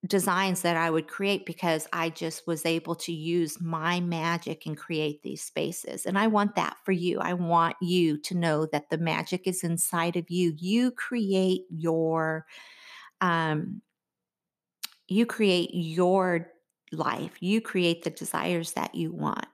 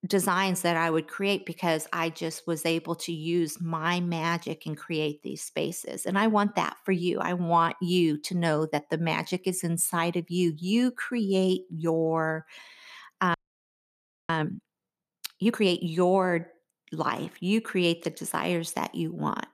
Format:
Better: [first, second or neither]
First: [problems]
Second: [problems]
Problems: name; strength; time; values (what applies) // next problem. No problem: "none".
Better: first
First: none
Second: audio freezing; at 13 s for 1 s